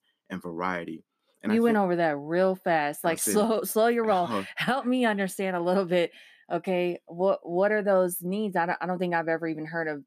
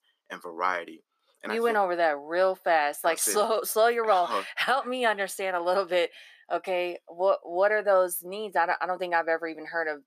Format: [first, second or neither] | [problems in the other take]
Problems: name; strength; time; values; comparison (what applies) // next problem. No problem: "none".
first | thin; very; fading below 550 Hz